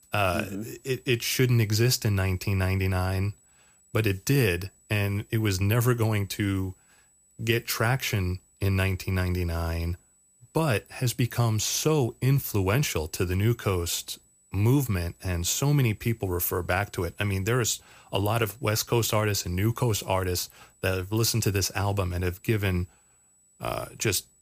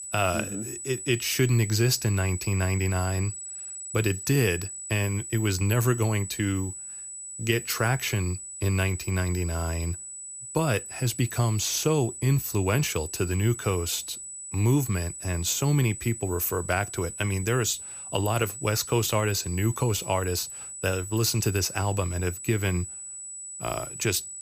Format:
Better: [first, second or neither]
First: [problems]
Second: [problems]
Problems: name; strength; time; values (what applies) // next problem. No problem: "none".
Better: first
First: high-pitched whine; faint; throughout; 8 kHz, 35 dB below the speech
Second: high-pitched whine; loud; throughout; 8 kHz, 9 dB below the speech